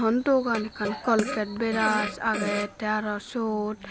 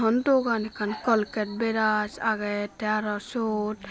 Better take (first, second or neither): second